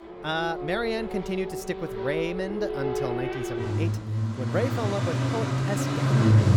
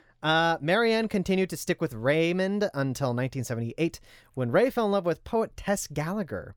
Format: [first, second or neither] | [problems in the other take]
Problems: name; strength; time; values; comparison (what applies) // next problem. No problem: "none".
second | traffic noise; very loud; throughout; 3 dB above the speech